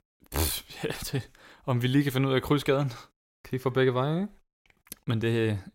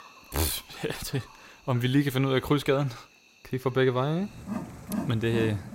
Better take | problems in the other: first | animal sounds; noticeable; throughout; 10 dB below the speech

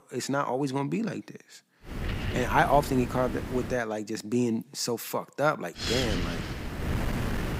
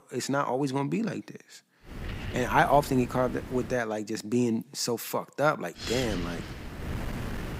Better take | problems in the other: second | wind noise on the microphone; heavy; from 2 to 3.5 s and from 6 s on; 7 dB below the speech; occasional gusts in the second

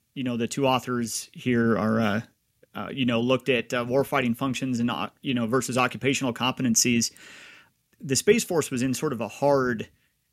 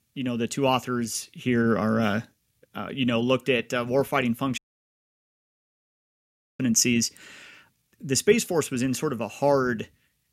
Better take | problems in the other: first | audio cutting out; at 4.5 s for 2 s

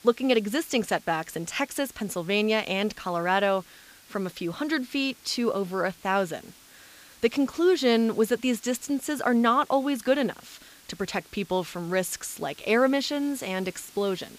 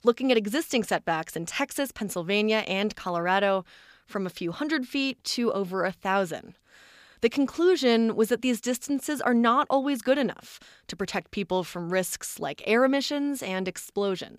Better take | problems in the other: second | hiss; faint; throughout; 25 dB below the speech

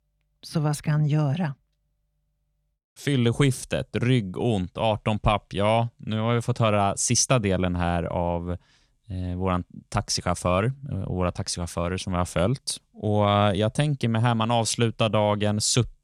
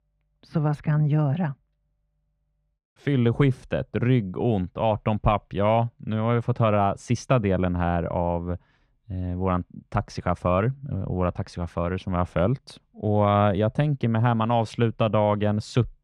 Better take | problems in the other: first | muffled; very; fading above 4 kHz

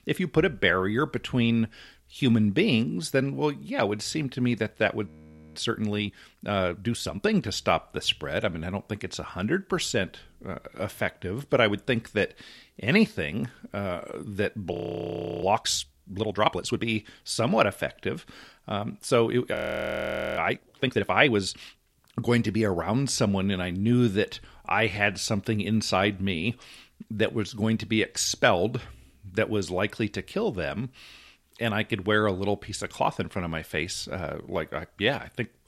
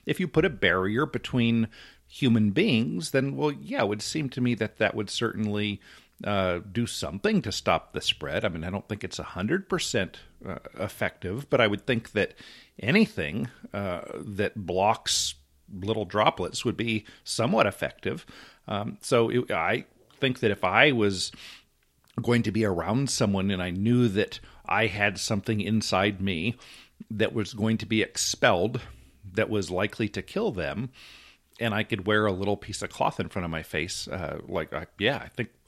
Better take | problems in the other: second | audio freezing; at 5 s, at 15 s for 0.5 s and at 20 s for 1 s

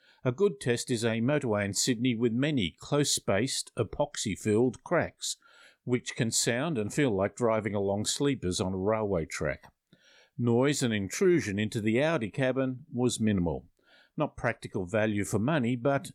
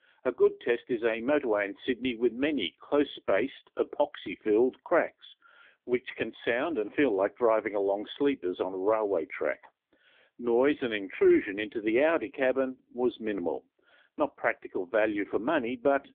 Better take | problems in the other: first | phone-call audio; poor line; nothing above 3.5 kHz

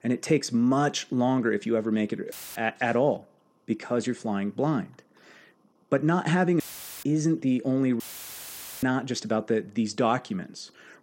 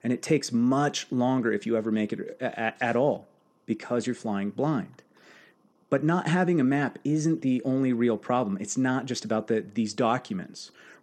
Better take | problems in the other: second | audio cutting out; filled with static; at 2.5 s, at 6.5 s and at 8 s for 1 s

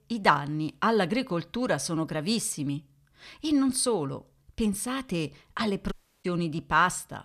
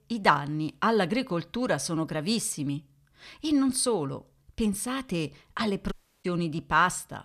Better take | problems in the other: neither | audio cutting out; at 6 s; the same in both

